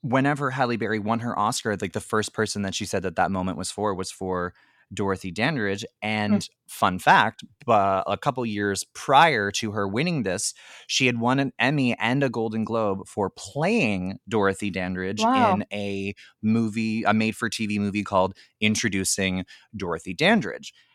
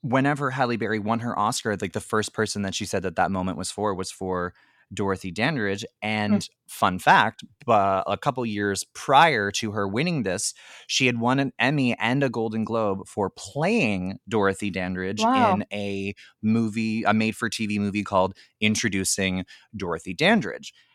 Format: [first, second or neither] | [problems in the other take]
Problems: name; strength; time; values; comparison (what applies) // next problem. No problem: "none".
neither | none